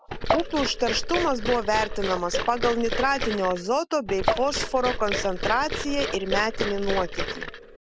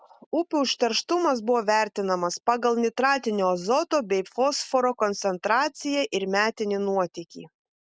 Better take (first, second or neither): second